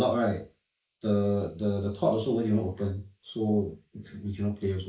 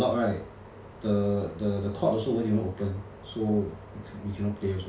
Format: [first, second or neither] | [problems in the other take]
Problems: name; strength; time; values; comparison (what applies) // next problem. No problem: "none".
second | noise reduction (neural mask model Resemble Enhance denoiser)